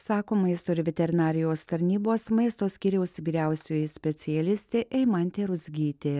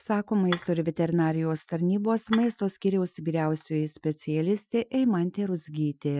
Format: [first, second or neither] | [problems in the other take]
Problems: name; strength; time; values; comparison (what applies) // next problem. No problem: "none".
first | noise reduction (classical method Wiener filter)